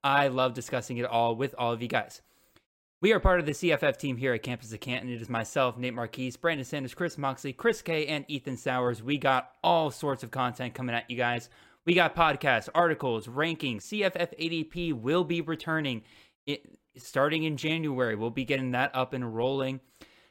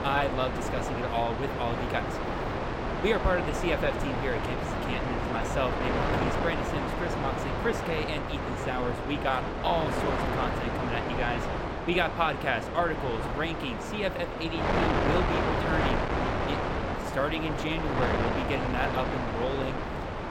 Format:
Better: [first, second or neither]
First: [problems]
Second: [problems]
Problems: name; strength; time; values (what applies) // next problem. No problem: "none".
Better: first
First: none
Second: wind noise on the microphone; heavy; 1 dB above the speech